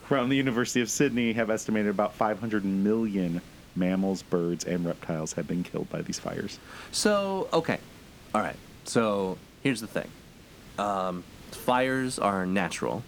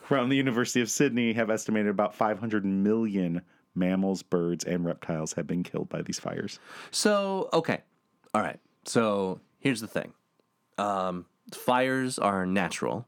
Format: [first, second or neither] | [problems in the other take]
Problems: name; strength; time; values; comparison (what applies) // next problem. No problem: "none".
second | hiss; faint; throughout; 20 dB below the speech